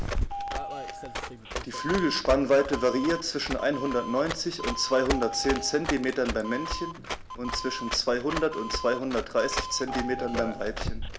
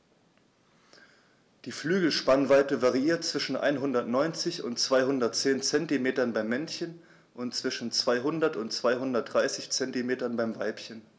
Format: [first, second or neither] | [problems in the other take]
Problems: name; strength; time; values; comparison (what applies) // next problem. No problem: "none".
second | background sound (Doorbell + Run); 5 dB below the speech